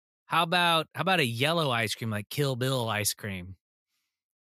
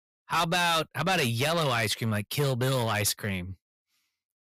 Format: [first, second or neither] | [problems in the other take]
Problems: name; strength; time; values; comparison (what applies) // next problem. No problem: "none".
first | distortion; heavy; 6 dB below the speech